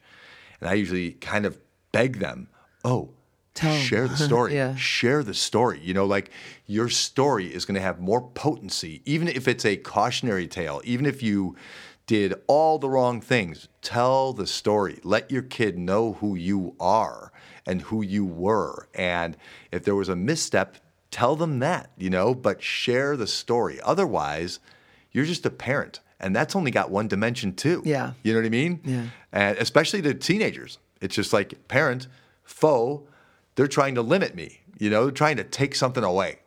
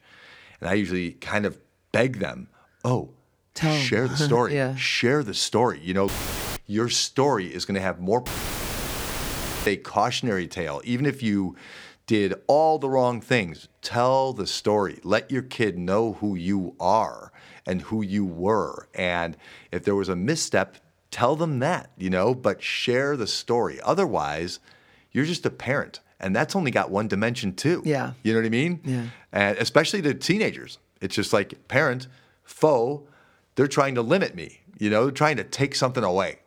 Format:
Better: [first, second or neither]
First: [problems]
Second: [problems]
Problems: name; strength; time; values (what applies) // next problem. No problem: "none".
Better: first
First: none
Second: audio cutting out; filled with static; at 6 s and at 8.5 s for 1.5 s